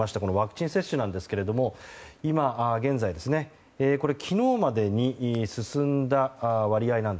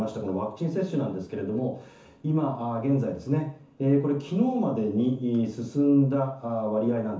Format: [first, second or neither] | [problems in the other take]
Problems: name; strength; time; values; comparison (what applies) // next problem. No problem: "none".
first | room echo; dies away in 0.9 s